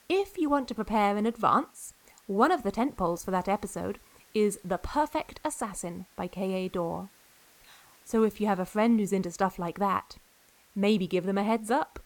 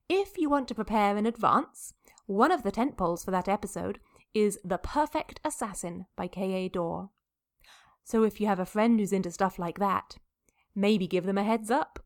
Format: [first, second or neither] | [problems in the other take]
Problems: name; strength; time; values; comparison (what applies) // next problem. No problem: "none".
second | hiss; faint; throughout; 30 dB below the speech